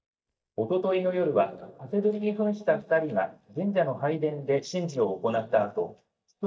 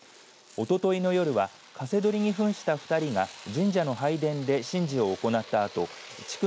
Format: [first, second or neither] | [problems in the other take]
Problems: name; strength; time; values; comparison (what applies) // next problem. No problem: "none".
second | noise reduction (neural mask model DeepFilterNet 3)